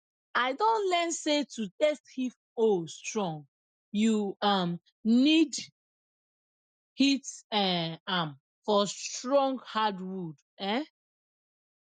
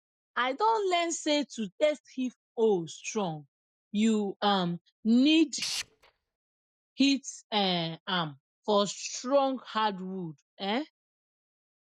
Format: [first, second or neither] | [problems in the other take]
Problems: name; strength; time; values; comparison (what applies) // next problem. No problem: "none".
first | noise reduction (neural mask model DeepFilterNet 3)